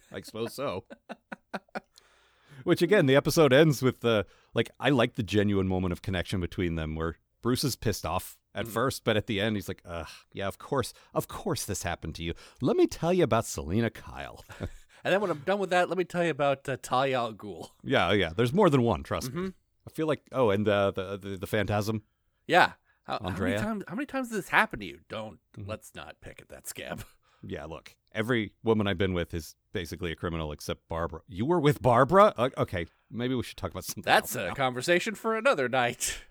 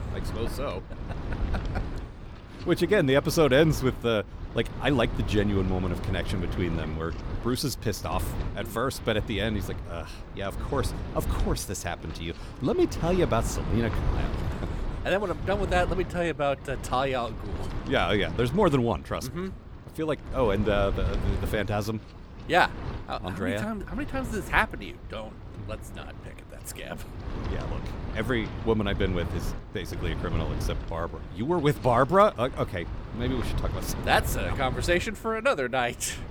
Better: first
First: none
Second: wind noise on the microphone; occasional gusts; 15 dB below the speech

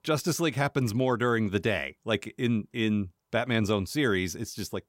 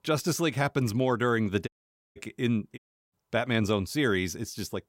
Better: first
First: none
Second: audio cutting out; at 1.5 s and at 3 s

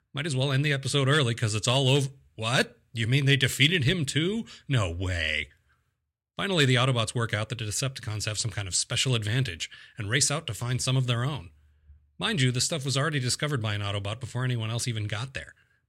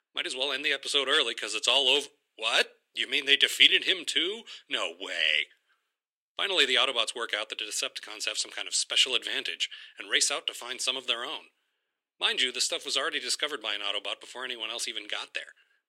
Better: first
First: none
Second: thin; very; fading below 350 Hz

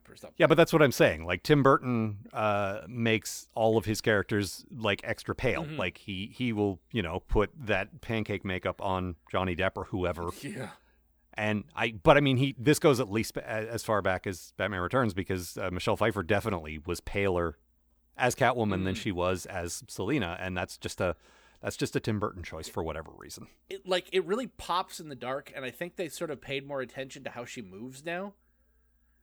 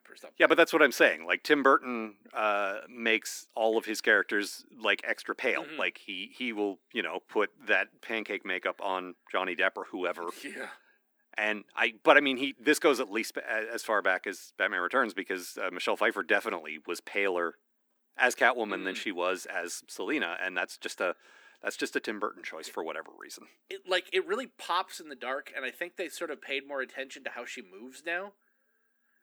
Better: first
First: none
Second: thin; somewhat; fading below 250 Hz

